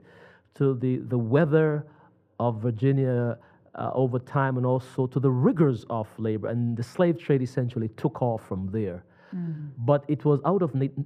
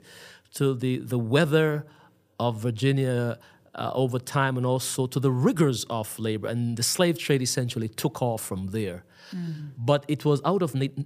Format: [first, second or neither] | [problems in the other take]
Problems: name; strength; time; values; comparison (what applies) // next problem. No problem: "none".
second | muffled; very; fading above 3 kHz